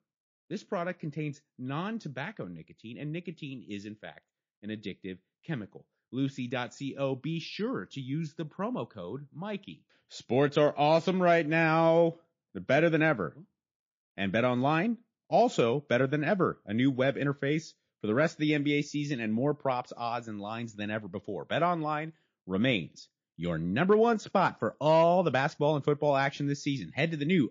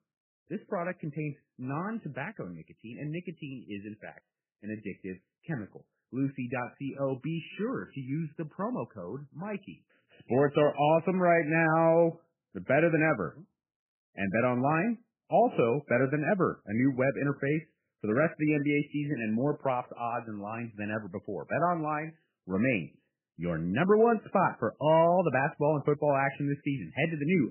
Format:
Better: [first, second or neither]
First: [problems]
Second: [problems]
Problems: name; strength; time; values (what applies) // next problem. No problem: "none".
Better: first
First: garbled, watery; slightly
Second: garbled, watery; badly; nothing above 2.5 kHz